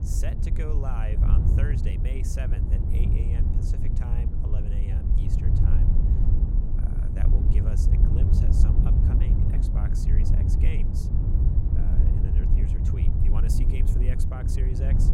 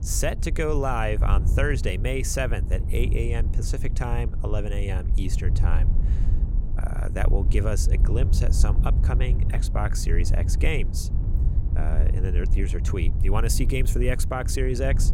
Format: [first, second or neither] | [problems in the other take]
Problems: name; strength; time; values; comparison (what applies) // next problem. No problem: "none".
second | wind noise on the microphone; heavy; 3 dB above the speech; occasional gusts in the second